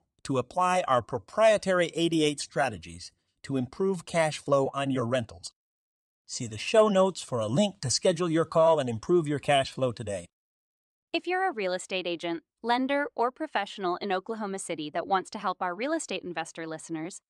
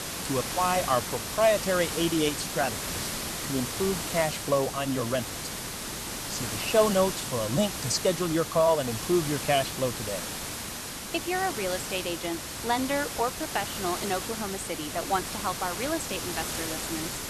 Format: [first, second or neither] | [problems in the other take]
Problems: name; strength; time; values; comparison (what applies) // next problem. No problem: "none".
first | hiss; loud; throughout; 4 dB below the speech